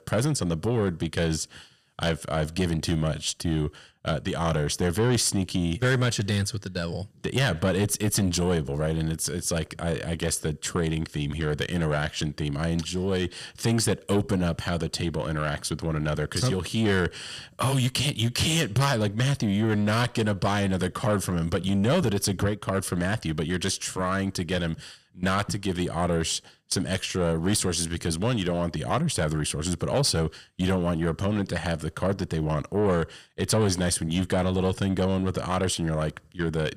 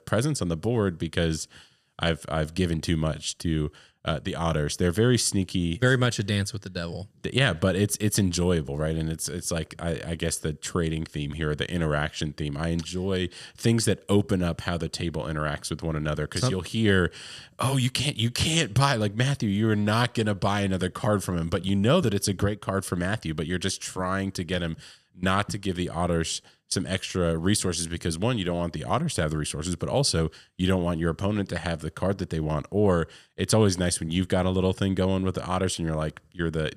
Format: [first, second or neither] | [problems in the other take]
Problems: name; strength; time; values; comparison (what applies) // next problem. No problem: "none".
second | distortion; slight; 10 dB below the speech